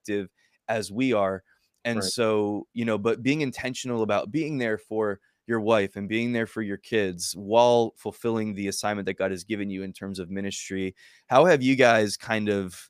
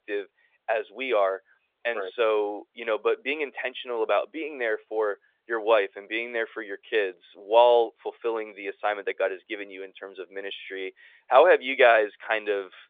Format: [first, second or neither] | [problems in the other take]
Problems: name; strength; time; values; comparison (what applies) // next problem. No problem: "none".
first | phone-call audio; nothing above 3.5 kHz